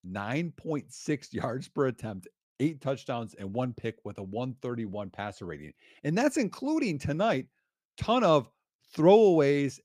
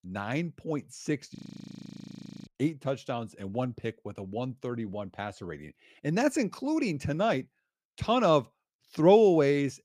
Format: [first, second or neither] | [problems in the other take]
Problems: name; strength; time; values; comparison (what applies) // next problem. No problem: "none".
first | audio freezing; at 1.5 s for 1 s